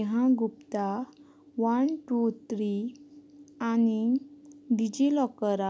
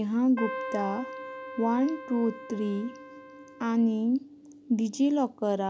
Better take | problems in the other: first | background sound (Keyboard (musical)); 12 dB below the speech

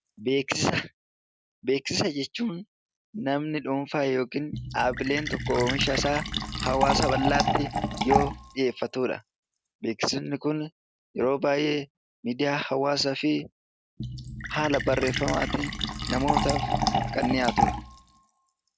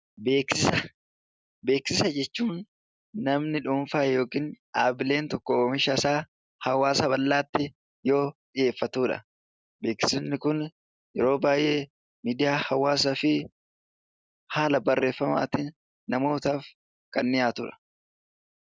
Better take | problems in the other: second | background sound (Fill (with liquid)); 4 dB below the speech

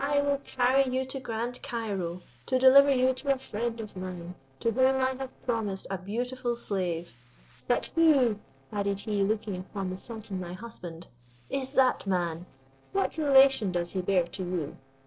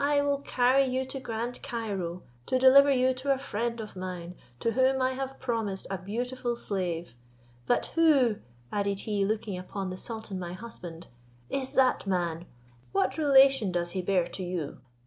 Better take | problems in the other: second | noise reduction (neural separator model SepFormer DNS4)

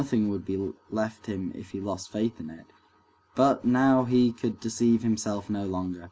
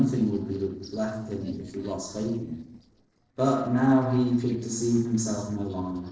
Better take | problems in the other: first | noise reduction (neural separator model SepFormer DNS4)

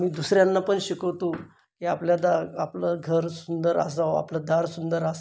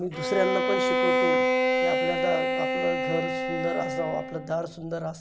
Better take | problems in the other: first | background sound (Bowed string instrument); 4 dB above the speech

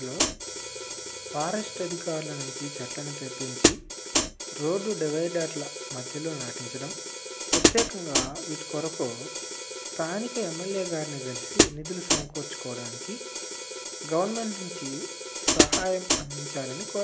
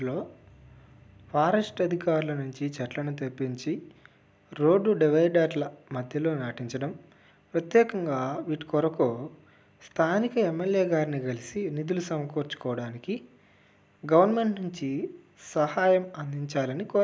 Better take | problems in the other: second | background sound (Hi-hat); 4 dB above the speech

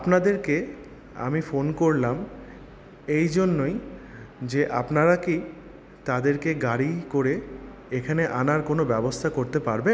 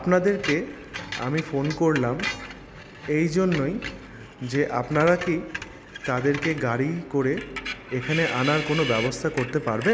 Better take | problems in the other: first | background sound (Screech); 10 dB below the speech

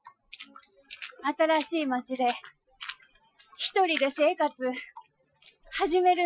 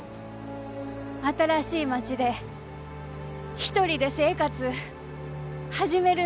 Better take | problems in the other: second | noise reduction (classical method Wiener filter)

